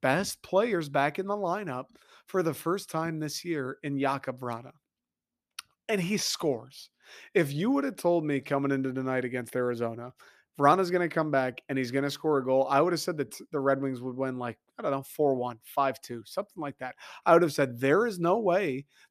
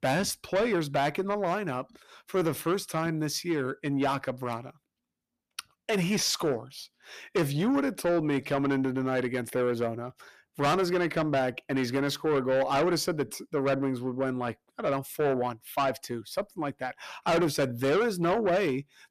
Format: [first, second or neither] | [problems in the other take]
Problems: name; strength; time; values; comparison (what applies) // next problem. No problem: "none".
first | distortion; heavy; 7 dB below the speech